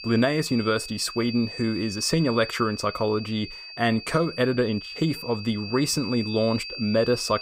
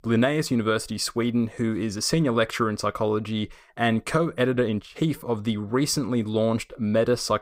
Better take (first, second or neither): second